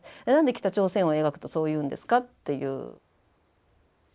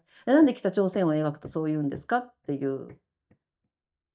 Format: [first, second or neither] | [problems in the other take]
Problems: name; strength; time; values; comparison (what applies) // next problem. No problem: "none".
first | noise reduction (neural mask model DeepFilterNet 3)